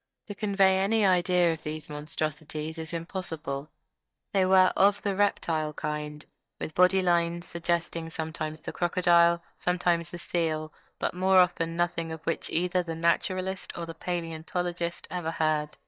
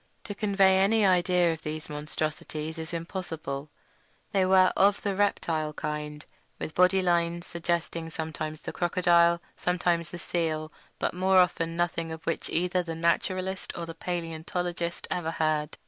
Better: second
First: noise reduction (neural mask model DeepFilterNet 3)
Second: none

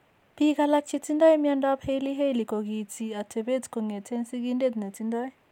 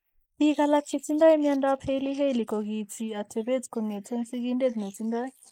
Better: first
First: none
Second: noise reduction (neural mask model Resemble Enhance denoiser)

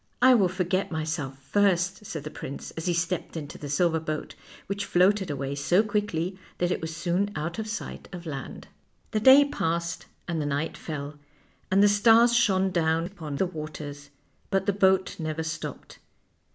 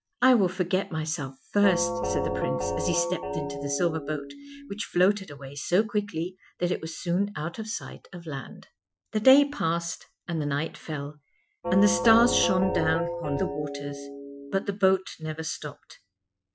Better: first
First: none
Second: noise reduction (classical method Wiener filter)

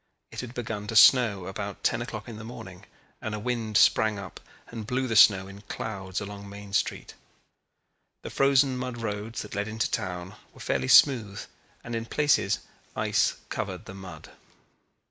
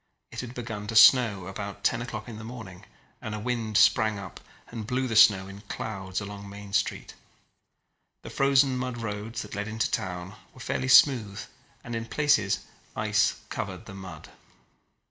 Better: first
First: none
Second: room echo; dies away in 0.5 s

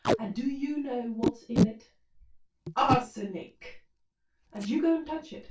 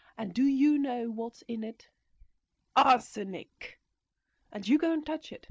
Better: second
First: background sound (Packing tape, duct tape); 1 dB below the speech // room echo; dies away in 0.2 s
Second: none

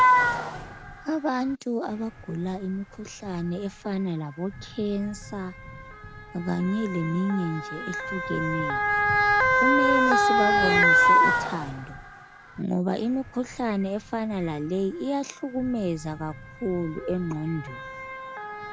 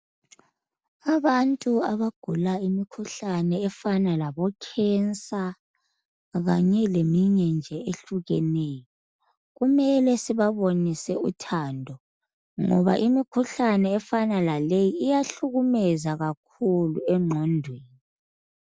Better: second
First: background sound (Motor vehicle (road) / Siren); 3 dB above the speech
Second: none

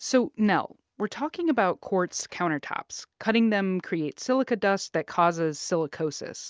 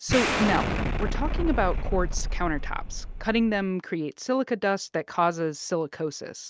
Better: first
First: none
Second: background sound (Explosion); as loud as the speech

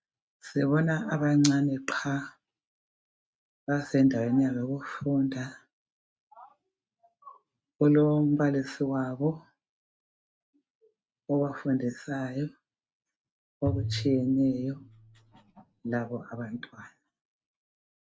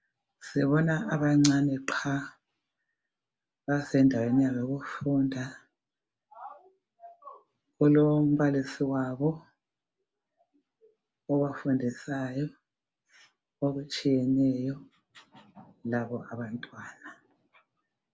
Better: second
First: noise reduction (neural mask model RNNoise)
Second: none

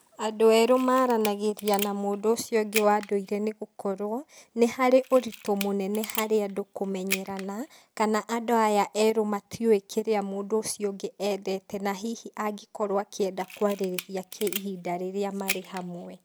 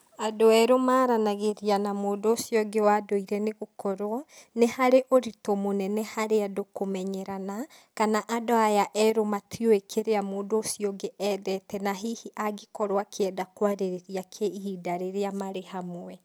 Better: second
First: background sound (Camera); 13 dB below the speech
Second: none

